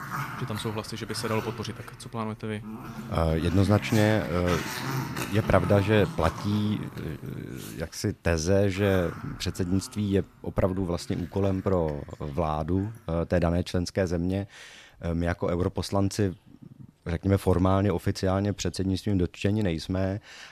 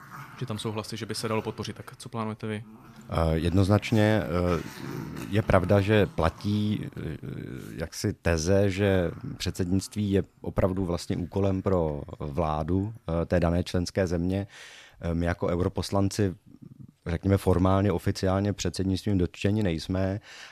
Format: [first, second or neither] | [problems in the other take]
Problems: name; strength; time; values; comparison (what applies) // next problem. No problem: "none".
second | animal sounds; loud; throughout; 10 dB below the speech; faint in the second